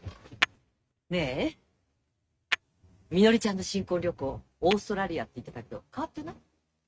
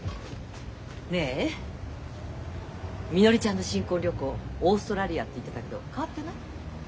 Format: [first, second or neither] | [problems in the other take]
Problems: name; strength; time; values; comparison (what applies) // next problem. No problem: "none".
second | noise reduction (neural mask model RNNoise)